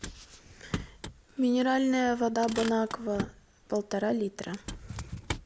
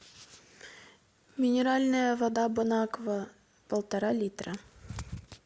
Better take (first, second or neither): second